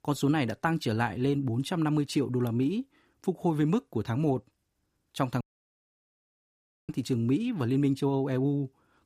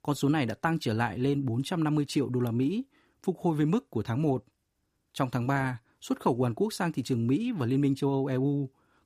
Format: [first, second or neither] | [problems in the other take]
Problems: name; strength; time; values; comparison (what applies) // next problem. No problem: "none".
second | audio cutting out; at 5.5 s for 1.5 s